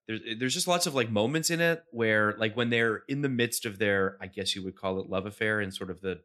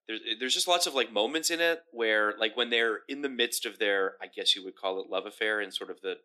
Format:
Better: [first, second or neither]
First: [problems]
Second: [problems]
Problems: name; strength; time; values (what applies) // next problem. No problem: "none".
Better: first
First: none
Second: thin; somewhat; fading below 300 Hz